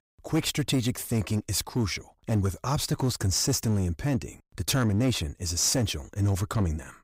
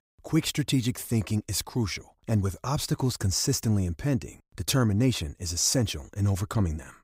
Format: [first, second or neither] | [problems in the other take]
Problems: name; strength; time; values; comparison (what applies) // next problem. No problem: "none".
second | distortion; slight; 7% of the sound clipped